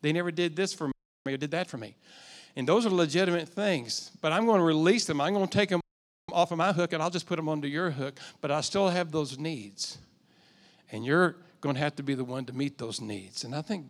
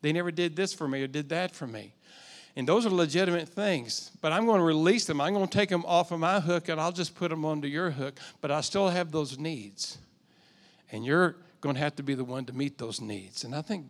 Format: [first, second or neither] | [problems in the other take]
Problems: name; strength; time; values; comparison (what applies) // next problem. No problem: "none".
second | audio freezing; at 1 s and at 6 s